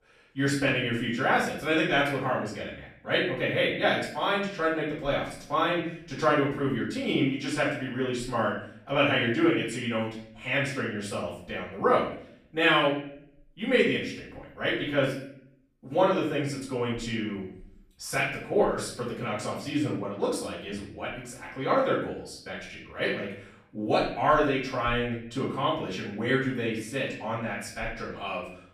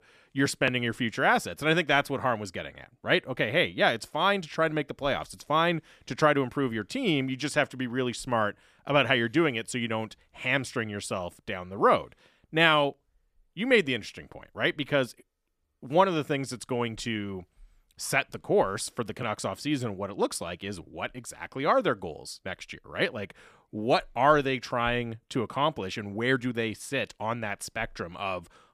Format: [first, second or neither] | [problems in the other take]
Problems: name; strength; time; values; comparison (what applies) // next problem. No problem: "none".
second | off-mic speech; far // room echo; noticeable; dies away in 0.5 s